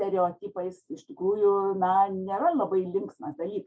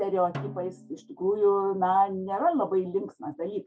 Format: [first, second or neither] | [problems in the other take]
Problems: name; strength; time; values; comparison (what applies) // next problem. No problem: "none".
first | background sound (Snare drum); 17 dB below the speech